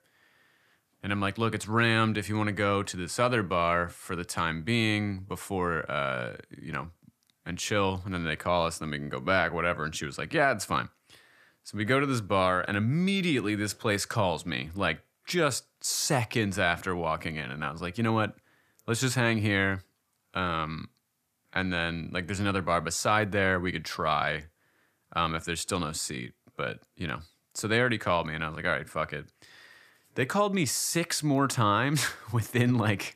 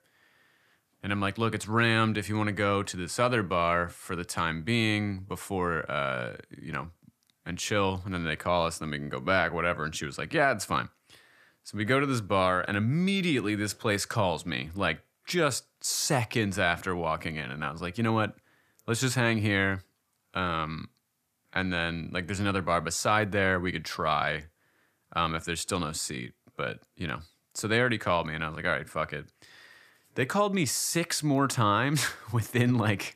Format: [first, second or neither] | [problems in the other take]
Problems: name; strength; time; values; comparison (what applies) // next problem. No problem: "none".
neither | none